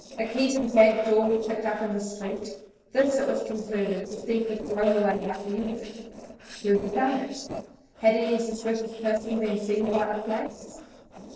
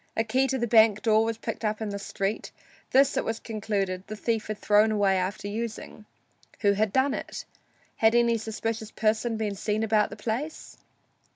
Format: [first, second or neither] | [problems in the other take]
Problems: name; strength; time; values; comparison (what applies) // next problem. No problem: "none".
second | noise reduction (neural separator model SepFormer DNS4)